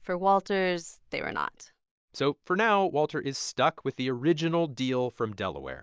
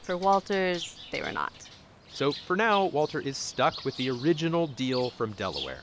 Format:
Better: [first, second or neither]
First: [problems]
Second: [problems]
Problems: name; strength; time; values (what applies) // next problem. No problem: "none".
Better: first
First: none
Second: background sound (Bird); 15 dB below the speech